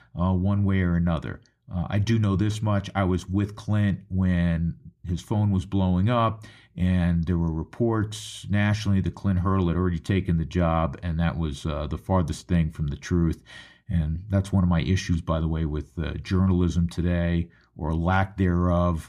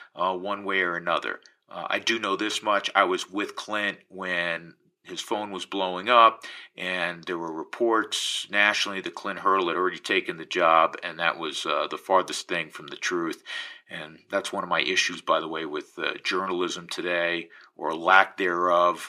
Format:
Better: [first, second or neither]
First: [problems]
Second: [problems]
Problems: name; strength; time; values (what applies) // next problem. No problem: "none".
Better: first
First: none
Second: thin; very; fading below 400 Hz